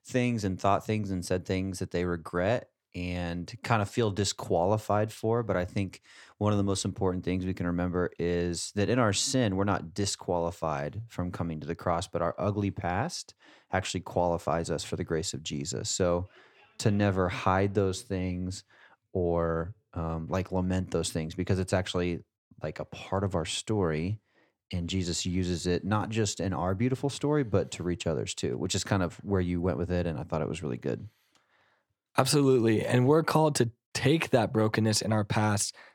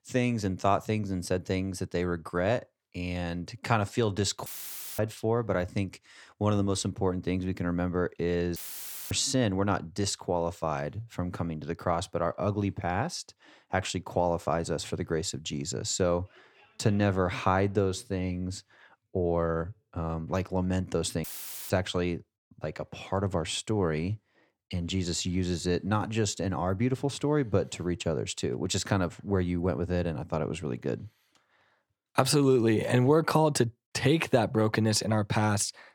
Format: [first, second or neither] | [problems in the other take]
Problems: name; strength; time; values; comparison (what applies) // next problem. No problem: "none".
first | audio cutting out; filled with static; at 4.5 s for 0.5 s, at 8.5 s for 0.5 s and at 21 s